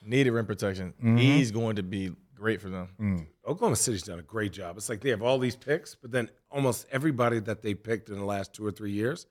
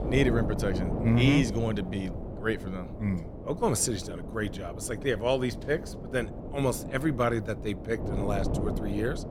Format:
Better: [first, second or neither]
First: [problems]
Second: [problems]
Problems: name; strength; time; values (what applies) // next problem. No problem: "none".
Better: first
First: none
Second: wind noise on the microphone; heavy; 9 dB below the speech